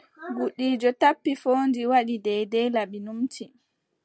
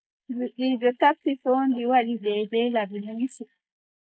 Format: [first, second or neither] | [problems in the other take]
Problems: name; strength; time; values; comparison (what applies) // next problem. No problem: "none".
first | noise reduction (neural mask model Resemble Enhance denoiser)